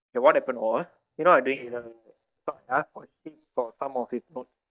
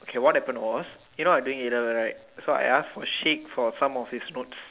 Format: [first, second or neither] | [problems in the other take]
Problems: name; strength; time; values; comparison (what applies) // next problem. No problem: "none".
second | noise reduction (neural mask model DeepFilterNet 3)